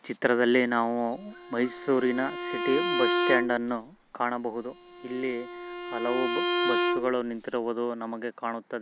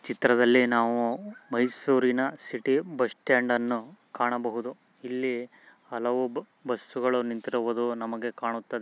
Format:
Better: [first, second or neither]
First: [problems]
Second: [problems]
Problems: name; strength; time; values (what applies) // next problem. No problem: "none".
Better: second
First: background sound (Bowed string instrument); 2 dB below the speech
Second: none